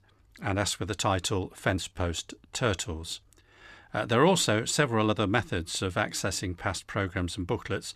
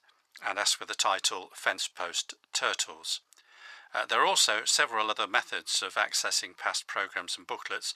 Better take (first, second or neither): first